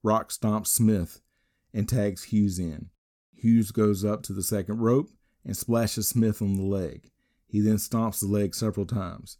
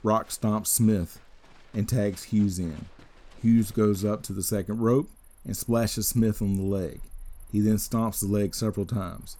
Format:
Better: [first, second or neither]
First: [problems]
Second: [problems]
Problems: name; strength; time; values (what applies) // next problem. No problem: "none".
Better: first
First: none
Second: animal sounds; faint; throughout; 25 dB below the speech